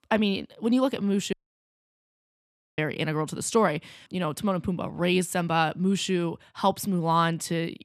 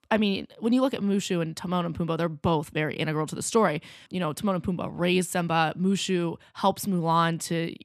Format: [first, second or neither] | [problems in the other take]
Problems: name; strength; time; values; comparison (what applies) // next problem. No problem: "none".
second | audio cutting out; at 1.5 s for 1.5 s